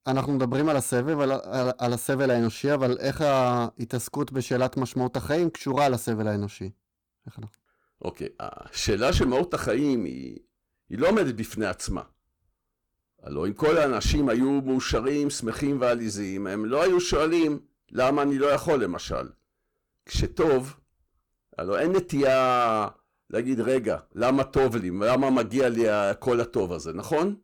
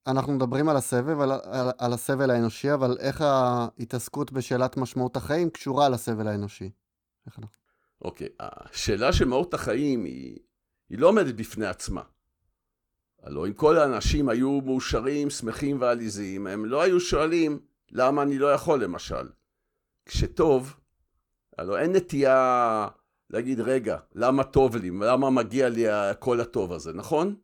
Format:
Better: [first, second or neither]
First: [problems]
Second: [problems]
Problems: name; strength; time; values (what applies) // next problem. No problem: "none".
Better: second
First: distortion; slight; 7% of the sound clipped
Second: none